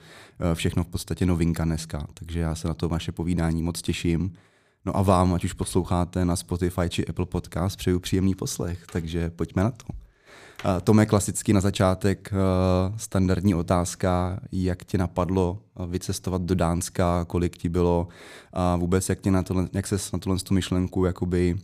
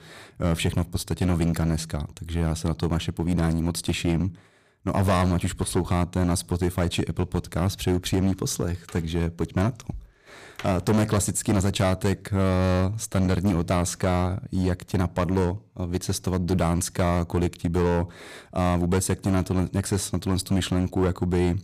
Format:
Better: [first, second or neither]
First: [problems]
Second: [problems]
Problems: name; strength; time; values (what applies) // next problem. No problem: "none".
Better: first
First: none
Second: distortion; slight; 8% of the sound clipped